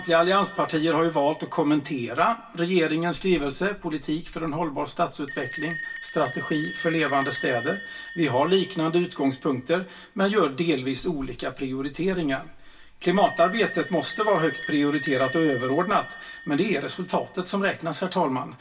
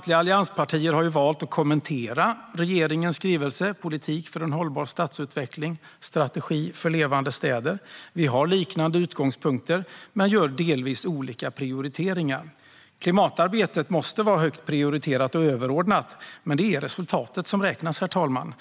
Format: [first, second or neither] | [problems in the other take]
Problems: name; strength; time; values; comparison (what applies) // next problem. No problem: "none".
second | background sound (Bell); 14 dB below the speech // room echo; dies away in 0.2 s